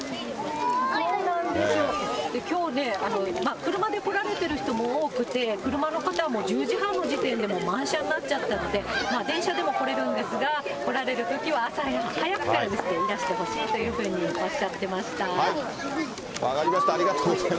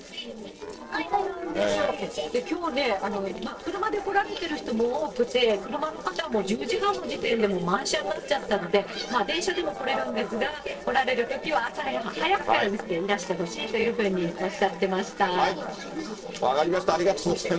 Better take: first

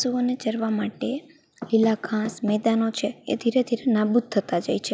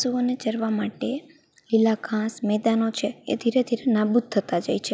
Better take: second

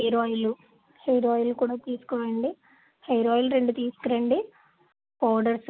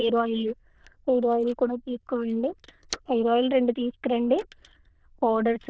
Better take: first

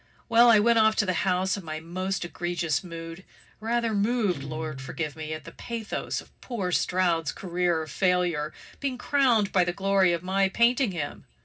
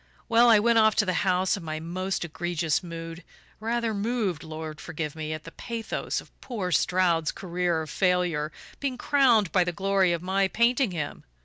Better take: second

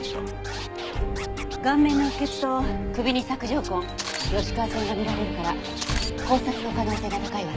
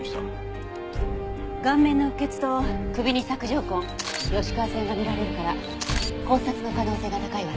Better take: second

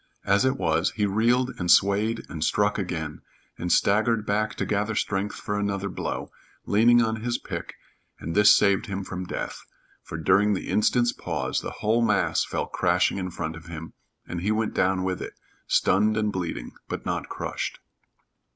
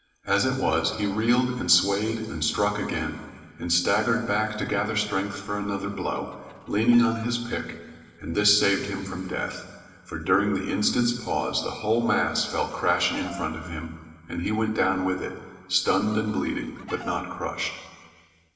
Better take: first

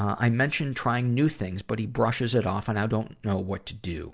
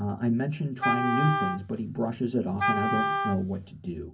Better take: first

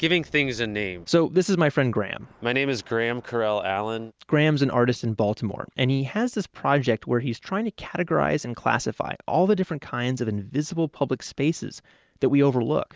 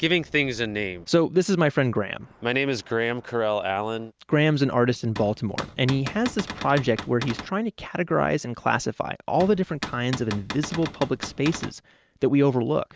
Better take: first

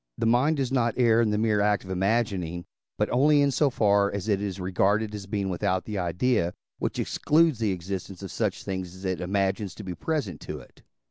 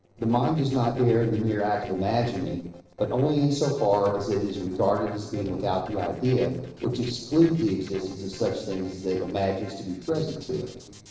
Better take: first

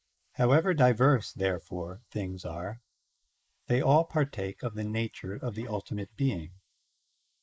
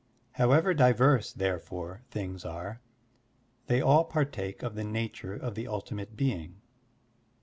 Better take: second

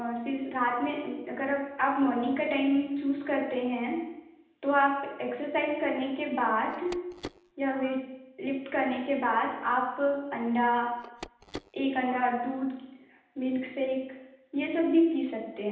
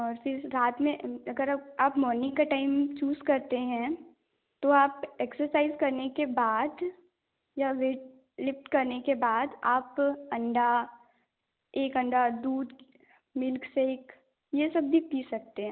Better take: second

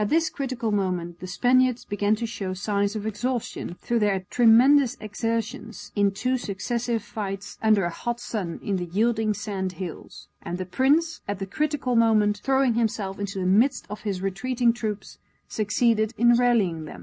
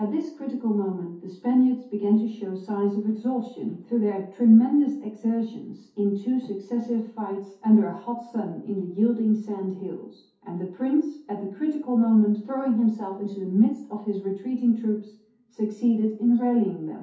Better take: first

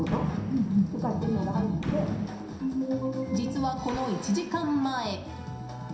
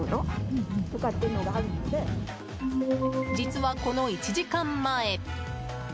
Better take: second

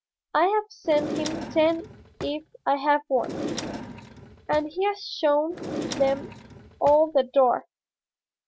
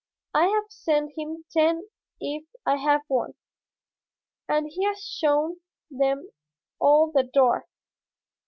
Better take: second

